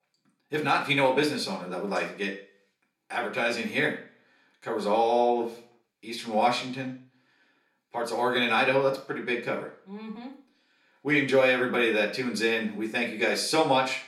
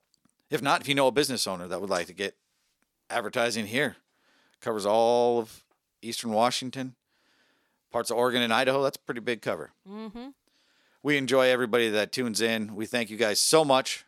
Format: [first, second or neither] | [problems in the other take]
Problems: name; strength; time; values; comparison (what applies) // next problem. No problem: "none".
second | room echo; slight; dies away in 0.4 s // off-mic speech; far